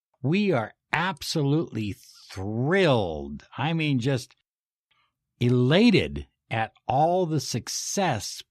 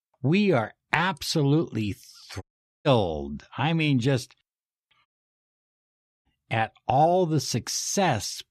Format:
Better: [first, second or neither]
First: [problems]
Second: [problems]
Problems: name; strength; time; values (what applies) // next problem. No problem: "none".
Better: first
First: none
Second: audio cutting out; at 2.5 s and at 5 s for 1 s